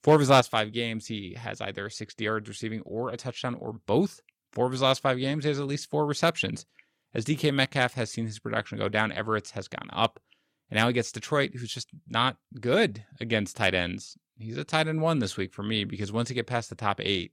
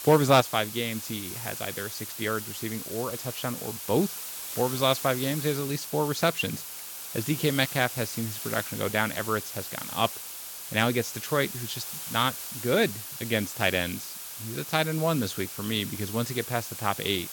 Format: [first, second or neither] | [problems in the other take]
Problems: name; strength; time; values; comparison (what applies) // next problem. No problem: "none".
first | hiss; loud; throughout; 7 dB below the speech